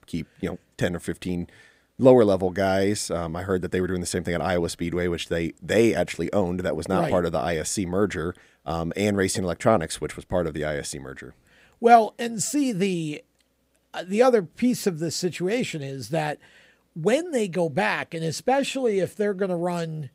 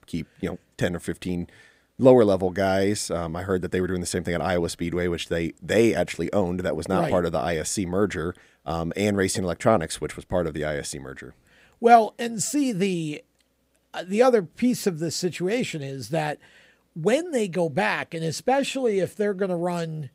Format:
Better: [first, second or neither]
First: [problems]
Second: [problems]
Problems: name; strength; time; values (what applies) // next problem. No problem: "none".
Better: neither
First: none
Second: none